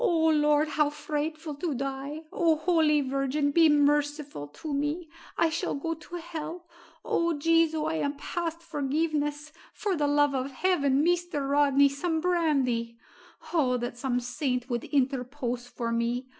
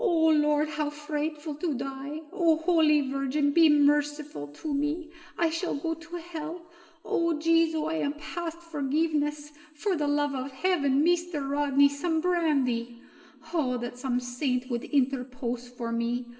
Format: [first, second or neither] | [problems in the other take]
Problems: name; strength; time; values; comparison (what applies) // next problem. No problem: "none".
first | room echo; dies away in 2.4 s